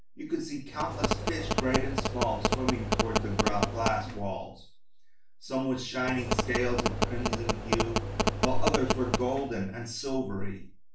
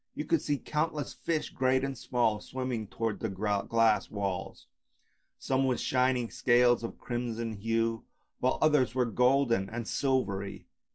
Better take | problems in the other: second | background sound (Telephone); 2 dB above the speech // room echo; dies away in 0.3 s

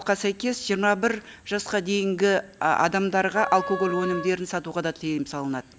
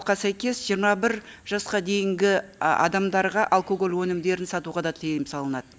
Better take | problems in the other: second | background sound (Wind instrument, woodwind instrument); 10 dB below the speech

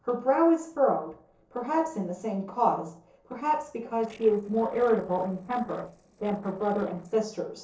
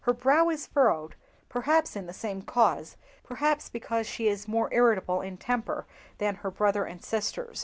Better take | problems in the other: second | noise reduction (neural separator model SepFormer DNS4)

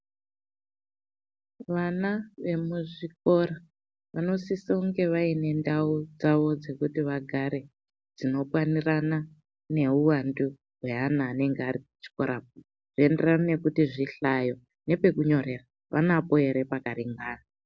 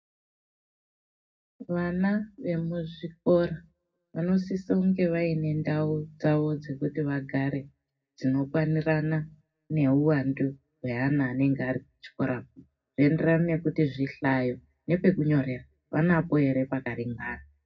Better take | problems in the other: first | room echo; dies away in 0.4 s

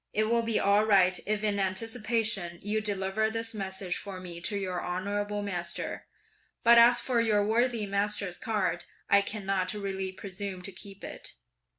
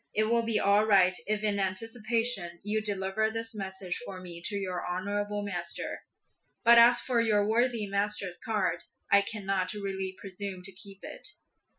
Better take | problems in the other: first | noise reduction (classical method Wiener filter)

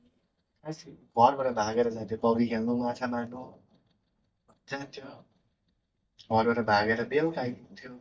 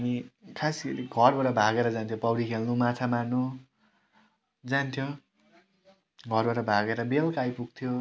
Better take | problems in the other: second | noise reduction (neural mask model DeepFilterNet 3)

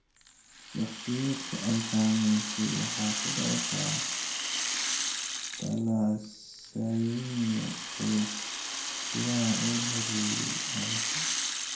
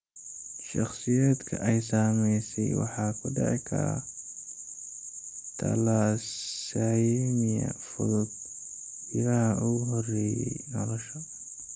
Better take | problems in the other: second | background sound (Rattle (instrument)); 2 dB below the speech // room echo; dies away in 0.5 s

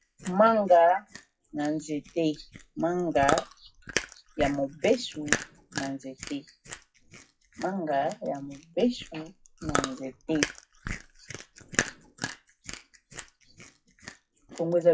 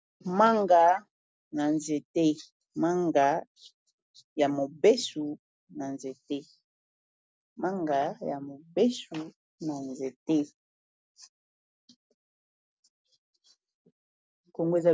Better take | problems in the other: second | noise reduction (classical method WPE with log-MMSE)

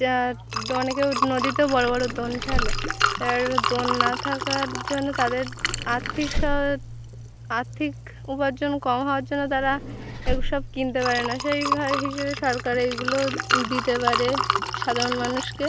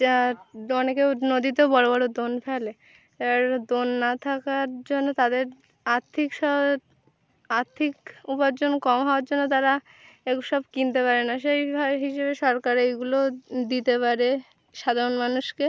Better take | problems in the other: second | background sound (Vehicle + Liquid); 2 dB below the speech

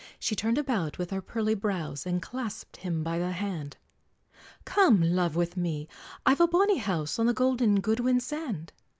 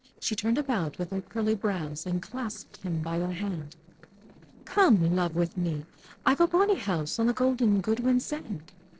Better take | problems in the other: first | noise reduction (neural separator model SepFormer DNS4)

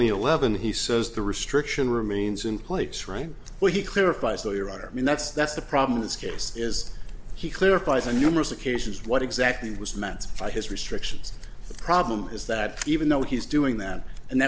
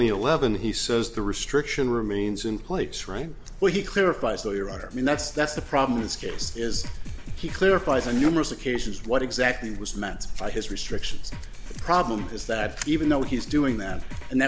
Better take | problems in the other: first | background sound (Drum kit); 16 dB below the speech

